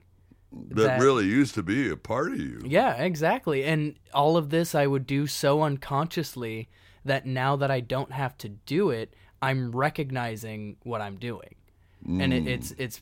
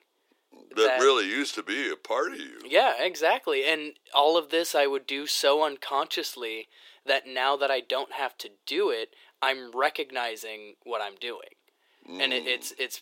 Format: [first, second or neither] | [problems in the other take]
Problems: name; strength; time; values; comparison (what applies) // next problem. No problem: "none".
first | thin; very; fading below 350 Hz